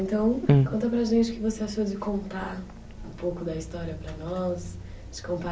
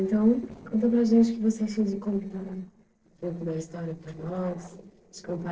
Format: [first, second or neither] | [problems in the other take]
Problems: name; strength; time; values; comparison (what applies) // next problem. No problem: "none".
first | noise reduction (neural separator model SepFormer DNS4)